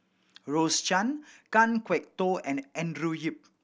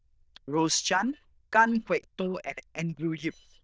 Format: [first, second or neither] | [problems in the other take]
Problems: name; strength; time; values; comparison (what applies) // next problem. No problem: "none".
first | noise reduction (neural diffusion model UNIVERSE++)